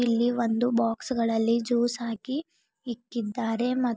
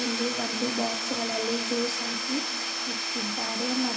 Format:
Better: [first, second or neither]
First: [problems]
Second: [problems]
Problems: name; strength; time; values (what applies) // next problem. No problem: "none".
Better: first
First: none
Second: background sound (Tools / Domestic sounds, home sounds); 1 dB above the speech // room echo; dies away in 2.4 s